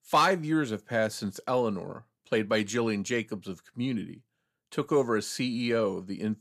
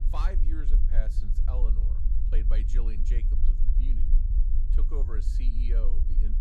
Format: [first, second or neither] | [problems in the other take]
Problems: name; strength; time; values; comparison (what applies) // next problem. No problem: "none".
first | low rumble; loud; throughout; 5 dB below the speech